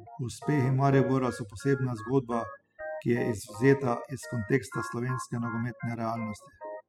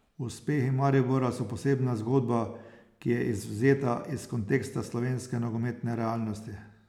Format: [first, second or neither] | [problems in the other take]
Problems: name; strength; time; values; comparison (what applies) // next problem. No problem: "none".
second | noise reduction (classical method spectral subtraction)